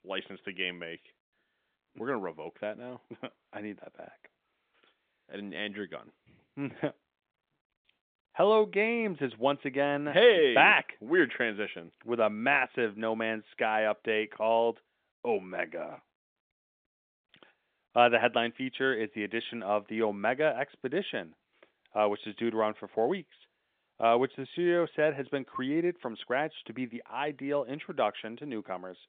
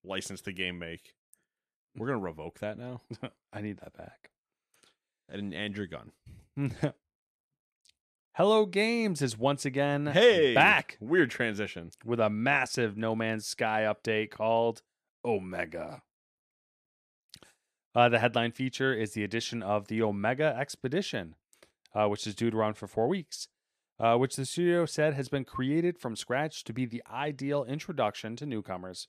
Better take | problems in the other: second | phone-call audio; nothing above 3.5 kHz

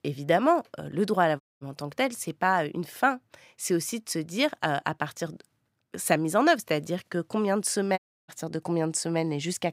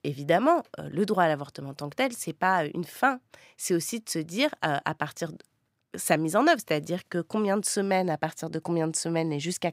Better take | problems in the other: second | audio cutting out; at 1.5 s and at 8 s

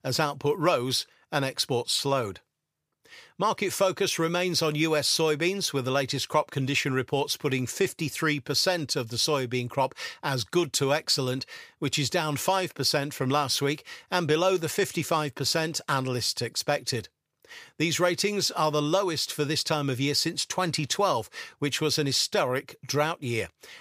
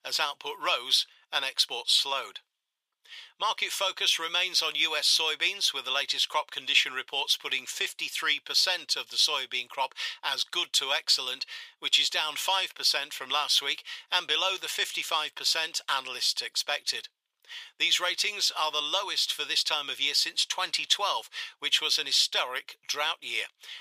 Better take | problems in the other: first | thin; very; fading below 850 Hz

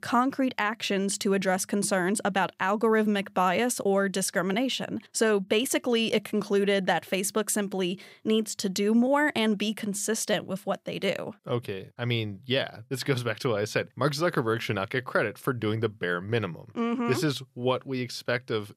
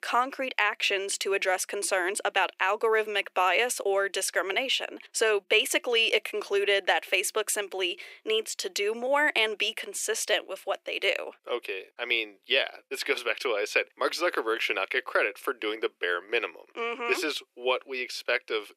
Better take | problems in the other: first | thin; very; fading below 350 Hz

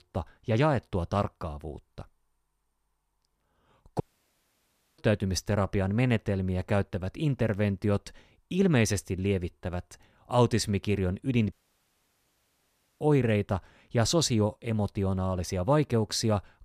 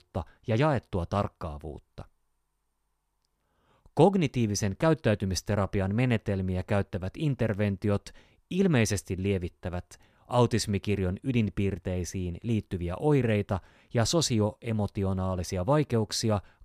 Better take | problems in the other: second | audio cutting out; at 4 s for 1 s and at 12 s for 1.5 s

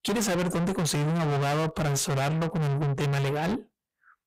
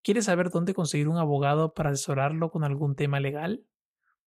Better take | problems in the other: second | distortion; heavy; 6 dB below the speech

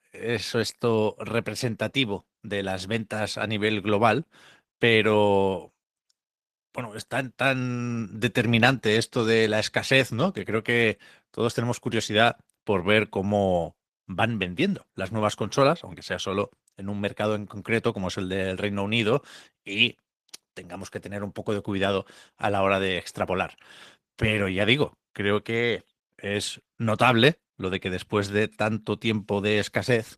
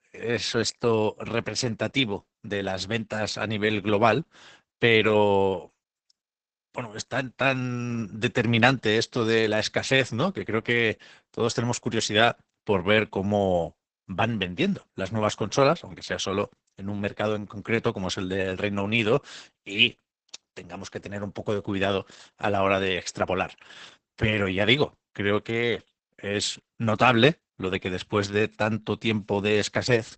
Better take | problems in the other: first | garbled, watery; badly; nothing above 8 kHz; slightly in the first

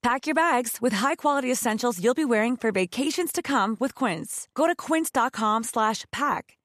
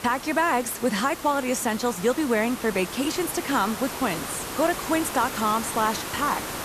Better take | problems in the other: first | hiss; loud; throughout; 8 dB below the speech

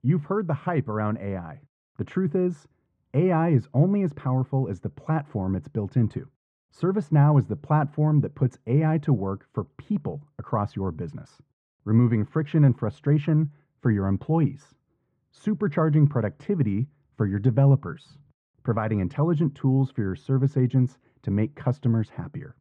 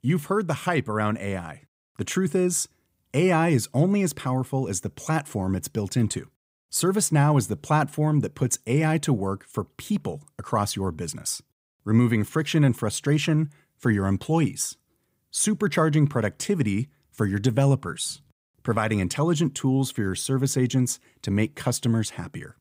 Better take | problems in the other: second | muffled; very; fading above 1.5 kHz

